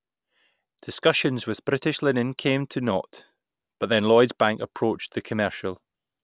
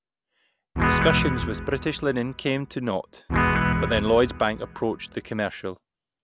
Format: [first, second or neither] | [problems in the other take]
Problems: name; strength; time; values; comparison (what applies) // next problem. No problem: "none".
first | background sound (Guitar); as loud as the speech